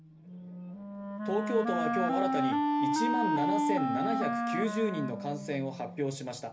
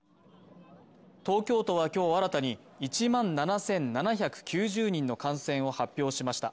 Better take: second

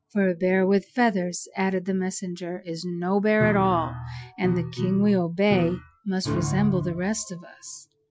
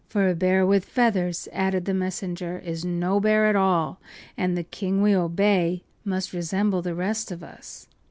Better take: second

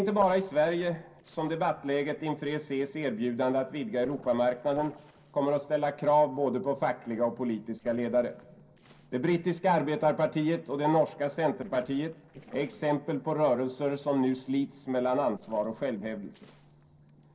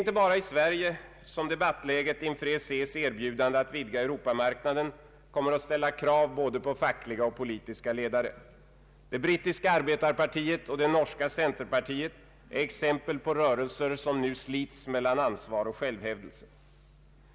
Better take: second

